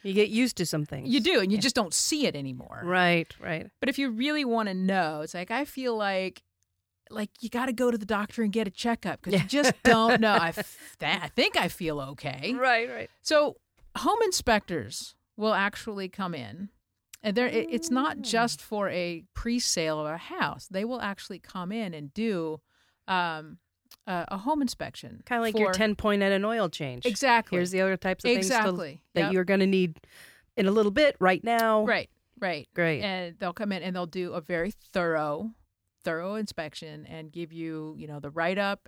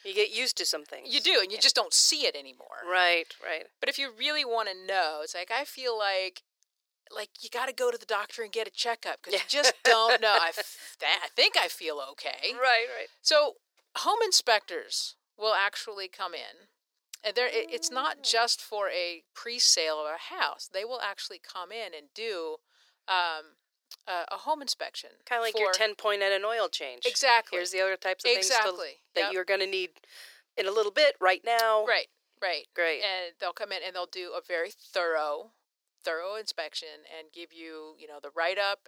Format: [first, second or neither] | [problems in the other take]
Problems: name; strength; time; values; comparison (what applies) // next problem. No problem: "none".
first | thin; very; fading below 400 Hz